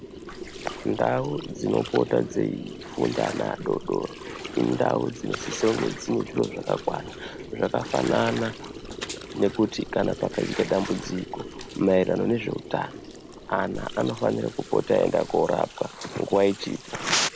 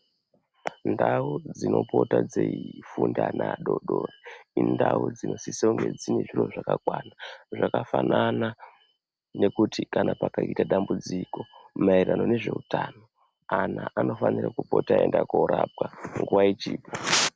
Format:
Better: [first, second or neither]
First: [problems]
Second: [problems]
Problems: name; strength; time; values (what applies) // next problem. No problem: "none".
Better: second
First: background sound (Gurgling); 12 dB below the speech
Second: none